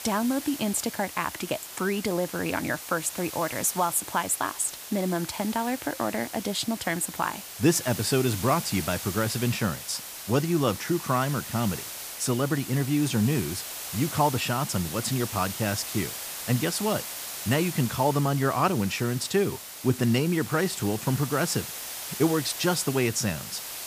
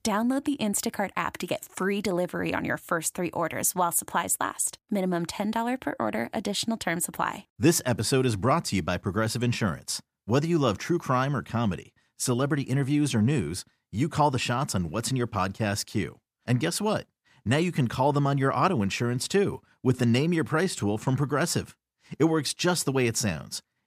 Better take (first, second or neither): second